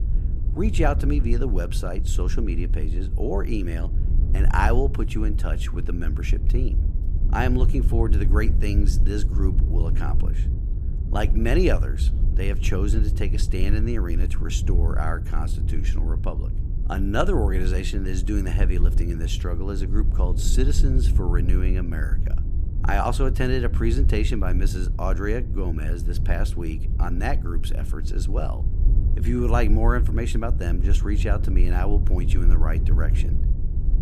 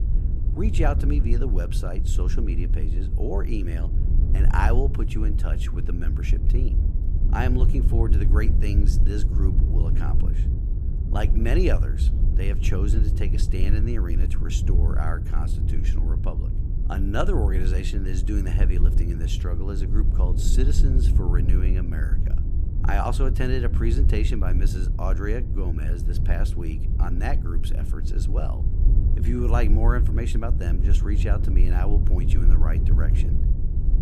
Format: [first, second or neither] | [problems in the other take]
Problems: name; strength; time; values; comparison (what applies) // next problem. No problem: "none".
first | wind noise on the microphone; heavy; 7 dB below the speech; occasional gusts in the first